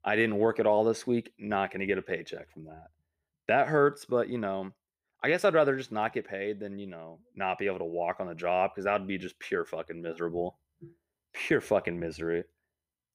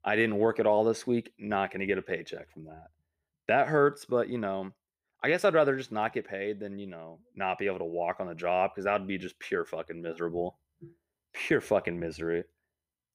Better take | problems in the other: neither | none

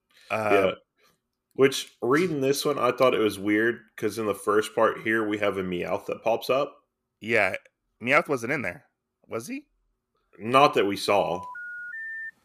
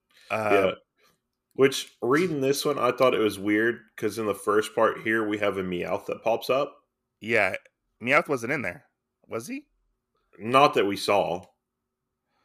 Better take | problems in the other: second | phone ringing; noticeable; from 11 s on; peak 9 dB below the speech

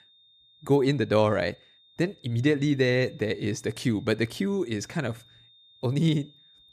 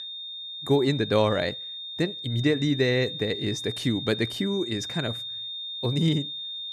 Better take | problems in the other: first | high-pitched whine; loud; throughout; 3.5 kHz, 7 dB below the speech; faint in the first

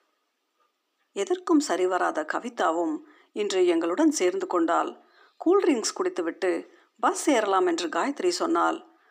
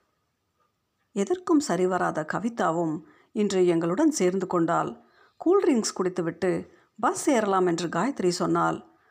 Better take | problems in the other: second | thin; very slightly; fading below 300 Hz

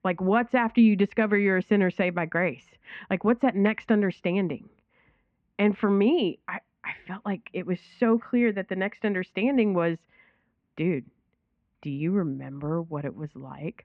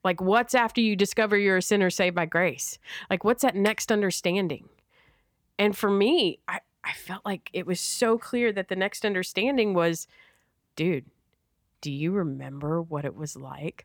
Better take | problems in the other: second | muffled; very; fading above 2.5 kHz

